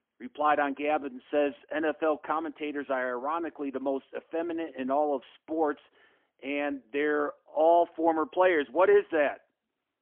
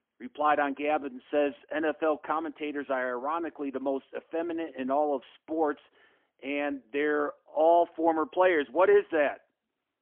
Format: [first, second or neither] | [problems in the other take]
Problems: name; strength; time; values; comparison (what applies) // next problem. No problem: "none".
neither | phone-call audio; poor line; nothing above 3.5 kHz; the same in both